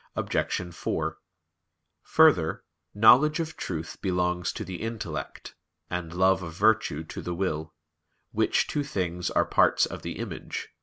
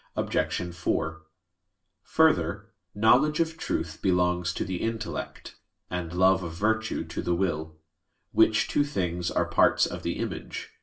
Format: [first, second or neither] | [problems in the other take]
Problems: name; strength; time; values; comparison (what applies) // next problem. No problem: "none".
first | room echo; dies away in 0.2 s